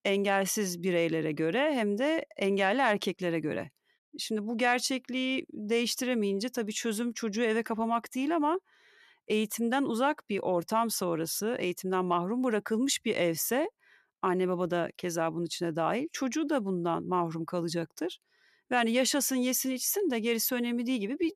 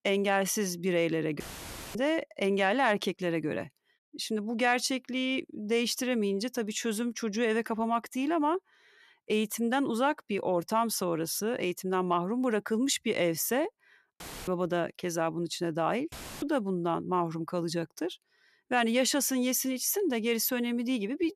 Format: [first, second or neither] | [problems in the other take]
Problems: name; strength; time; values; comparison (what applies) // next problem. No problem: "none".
first | audio cutting out; filled with static; at 1.5 s for 0.5 s, at 14 s and at 16 s